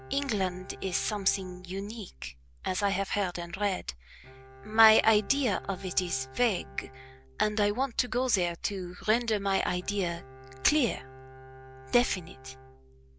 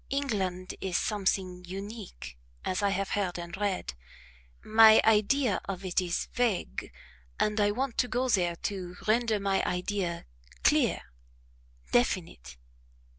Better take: second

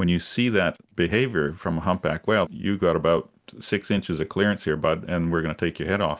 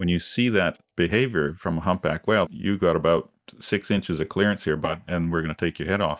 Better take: first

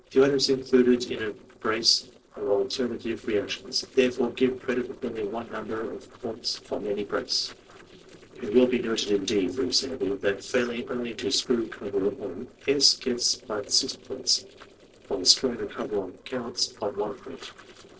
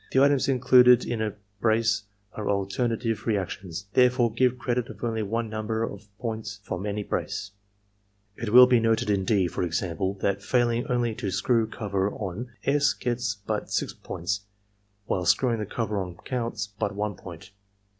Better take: second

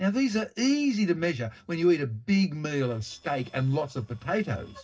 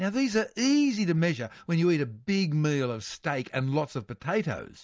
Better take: second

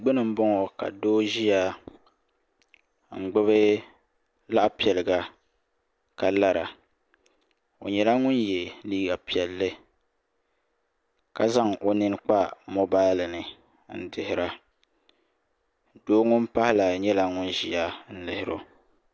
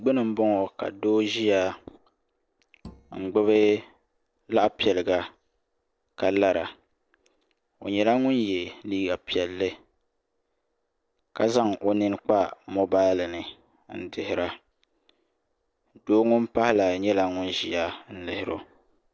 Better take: first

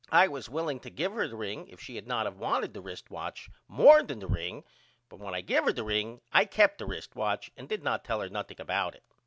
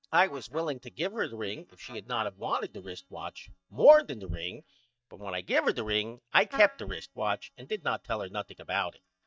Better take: first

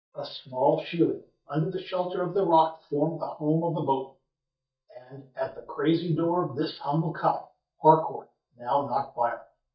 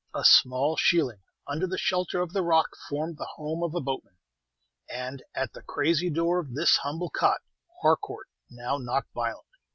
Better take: second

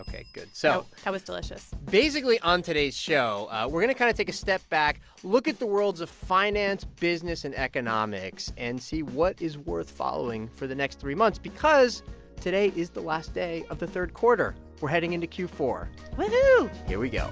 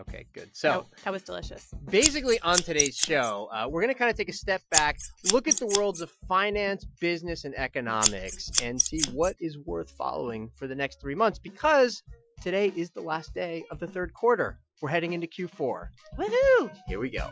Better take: first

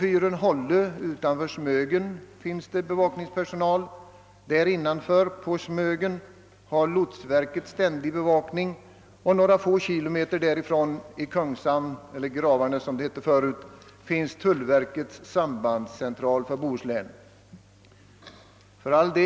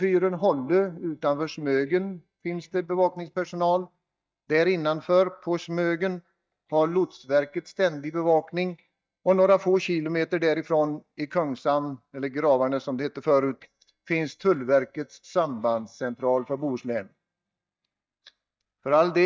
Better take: first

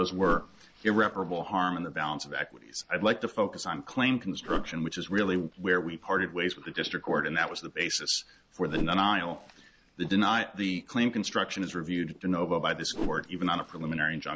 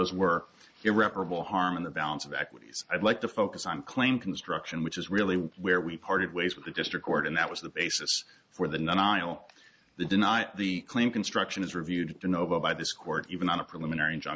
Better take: second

